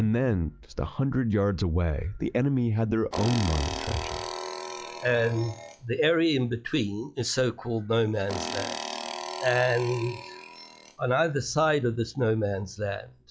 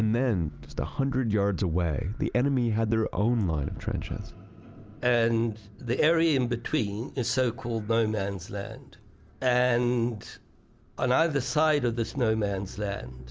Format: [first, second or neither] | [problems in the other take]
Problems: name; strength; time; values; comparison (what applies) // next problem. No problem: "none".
second | noise reduction (classical method log-MMSE)